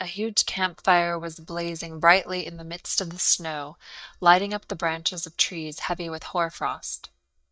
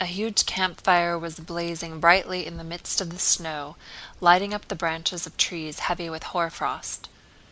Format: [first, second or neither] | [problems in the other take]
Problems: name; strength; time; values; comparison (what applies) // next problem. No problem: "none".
second | noise reduction (neural mask model DeepFilterNet 3)